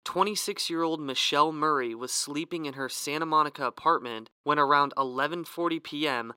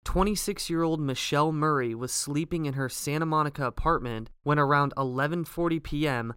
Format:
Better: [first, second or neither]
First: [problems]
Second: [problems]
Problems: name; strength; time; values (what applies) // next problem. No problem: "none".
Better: second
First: thin; somewhat; fading below 350 Hz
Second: none